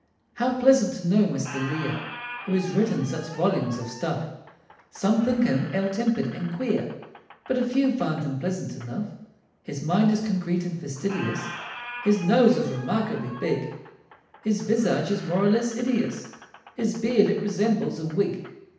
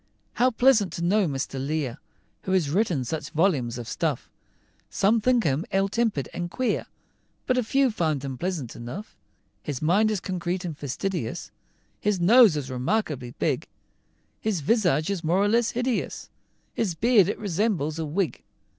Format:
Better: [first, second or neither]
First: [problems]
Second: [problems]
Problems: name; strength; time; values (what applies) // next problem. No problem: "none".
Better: second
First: background sound (Squeak); 18 dB below the speech // room echo; dies away in 0.8 s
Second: none